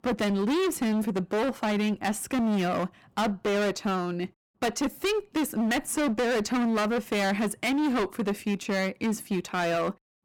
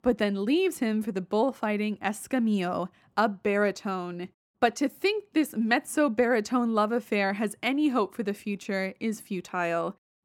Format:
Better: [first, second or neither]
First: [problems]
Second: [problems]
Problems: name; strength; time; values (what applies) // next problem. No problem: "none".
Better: second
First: distortion; heavy; 29% of the sound clipped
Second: none